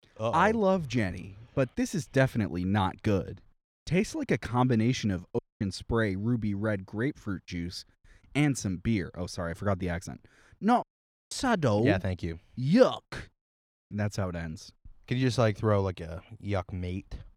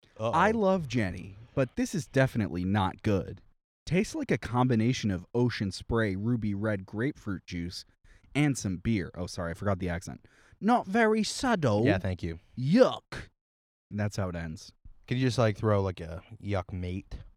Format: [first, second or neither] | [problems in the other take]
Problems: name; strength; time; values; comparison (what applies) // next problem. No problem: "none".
second | audio cutting out; at 5.5 s and at 11 s